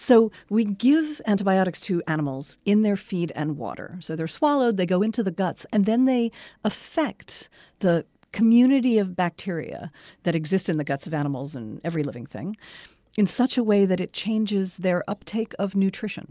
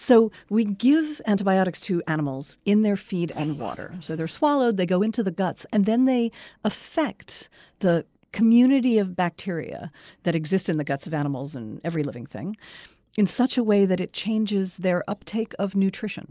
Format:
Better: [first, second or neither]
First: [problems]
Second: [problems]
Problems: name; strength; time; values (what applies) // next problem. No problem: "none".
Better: first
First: none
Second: noise reduction (neural mask model Resemble Enhance denoiser)